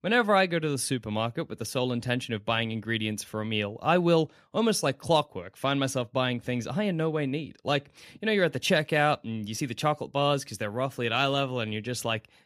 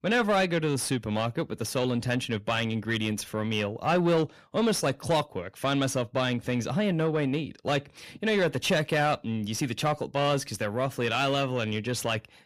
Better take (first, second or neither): first